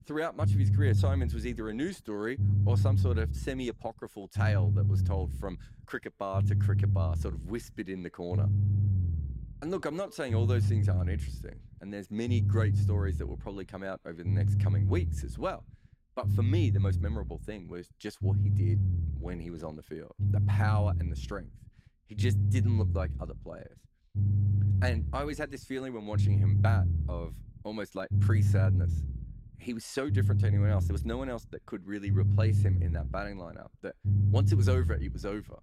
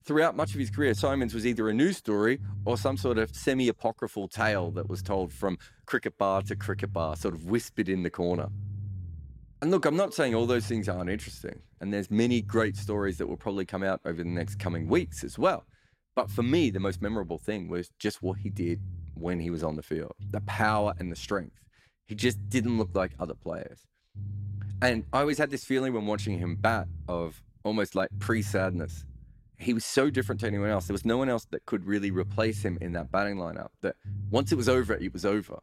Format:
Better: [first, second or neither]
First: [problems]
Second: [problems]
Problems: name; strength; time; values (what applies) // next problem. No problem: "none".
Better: second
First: low rumble; loud; throughout; 4 dB below the speech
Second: low rumble; faint; throughout; 25 dB below the speech